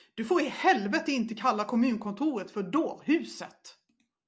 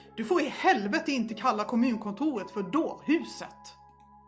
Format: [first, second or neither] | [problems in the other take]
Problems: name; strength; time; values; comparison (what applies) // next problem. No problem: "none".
first | background sound (Piano); 20 dB below the speech